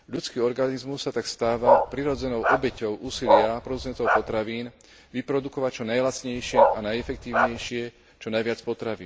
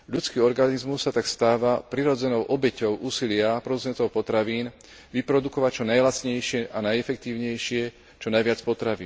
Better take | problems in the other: second | background sound (Bark); 5 dB above the speech

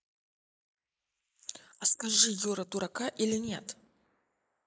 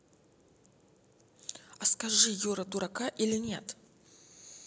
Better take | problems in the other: second | noise reduction (neural mask model Resemble Enhance denoiser)

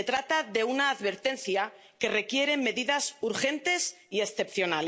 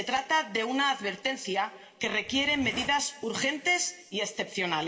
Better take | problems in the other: first | background sound (Zipper (clothing)); 14 dB below the speech // room echo; dies away in 1.4 s

